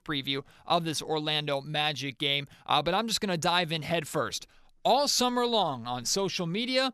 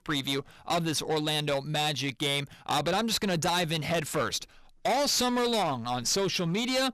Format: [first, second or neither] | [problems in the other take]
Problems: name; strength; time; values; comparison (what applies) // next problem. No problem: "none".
first | distortion; heavy; 16% of the sound clipped